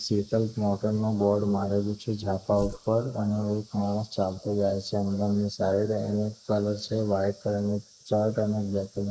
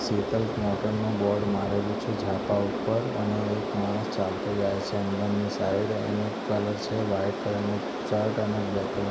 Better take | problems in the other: second | noise reduction (neural mask model Resemble Enhance denoiser)

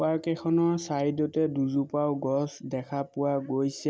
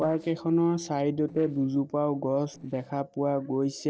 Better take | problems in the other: first | noise reduction (neural separator model SepFormer DNS4)

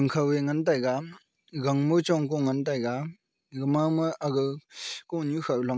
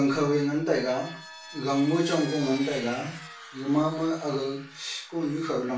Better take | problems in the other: first | background sound (Vehicle); 17 dB below the speech // room echo; dies away in 0.3 s

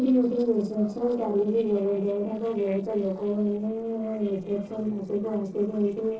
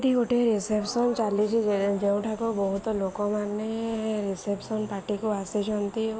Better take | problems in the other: second | noise reduction (neural separator model SepFormer DNS4)

